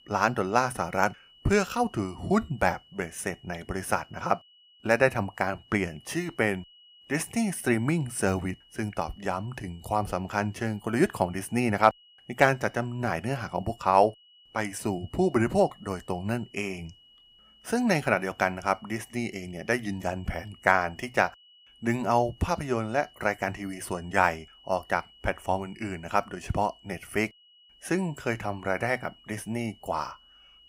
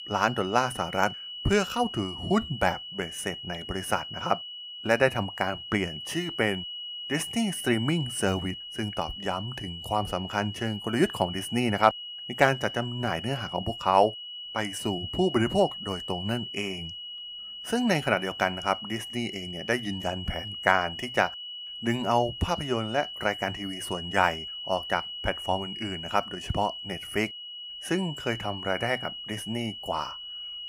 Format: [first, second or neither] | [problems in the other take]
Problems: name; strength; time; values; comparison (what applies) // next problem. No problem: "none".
first | high-pitched whine; loud; throughout; 3 kHz, 8 dB below the speech; faint in the first